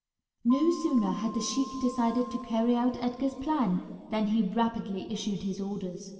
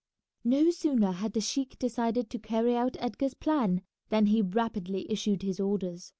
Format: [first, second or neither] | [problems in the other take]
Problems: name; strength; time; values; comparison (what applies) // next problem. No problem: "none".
second | background sound (Keyboard (musical)); 15 dB below the speech // room echo; dies away in 2.2 s